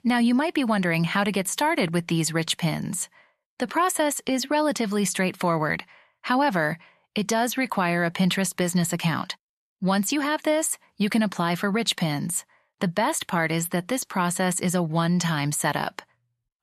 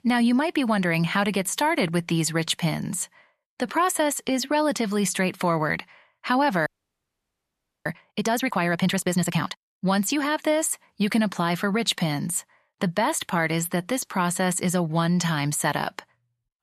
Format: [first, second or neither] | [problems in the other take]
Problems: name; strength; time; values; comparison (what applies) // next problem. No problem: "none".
first | audio freezing; at 6.5 s for 1 s